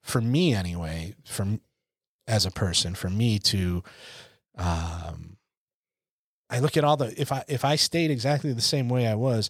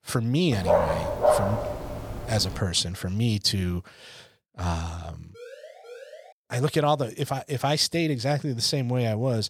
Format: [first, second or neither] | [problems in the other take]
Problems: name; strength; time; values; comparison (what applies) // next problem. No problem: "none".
first | dog barking; loud; from 0.5 to 2.5 s; peak 4 dB above the speech // siren; faint; at 5.5 s; peak 15 dB below the speech